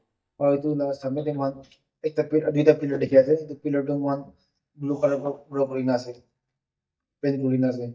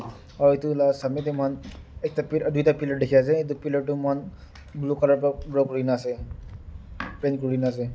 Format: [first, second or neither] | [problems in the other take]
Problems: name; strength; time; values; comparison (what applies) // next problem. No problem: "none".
second | noise reduction (neural mask model DeepFilterNet 3)